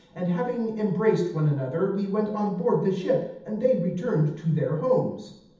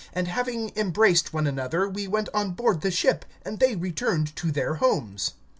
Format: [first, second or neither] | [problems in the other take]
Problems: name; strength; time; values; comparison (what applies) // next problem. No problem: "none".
second | room echo; dies away in 0.8 s